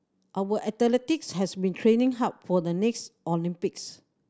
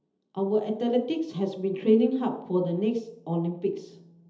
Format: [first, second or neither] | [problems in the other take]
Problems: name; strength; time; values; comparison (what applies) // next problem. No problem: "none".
first | room echo; dies away in 1.2 s